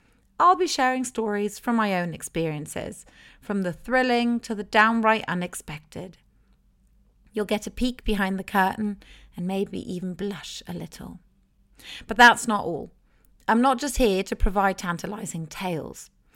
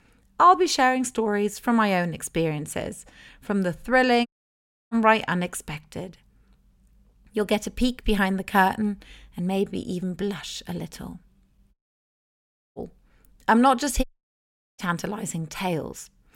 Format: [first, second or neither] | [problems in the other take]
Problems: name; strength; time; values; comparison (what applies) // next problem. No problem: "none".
first | audio cutting out; at 4.5 s for 0.5 s, at 12 s for 1 s and at 14 s for 0.5 s